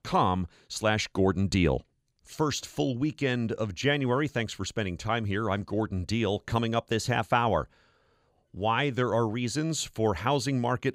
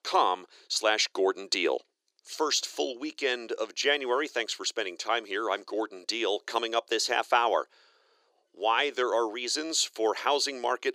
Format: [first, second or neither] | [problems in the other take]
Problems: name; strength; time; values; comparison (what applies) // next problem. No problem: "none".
first | thin; very; fading below 350 Hz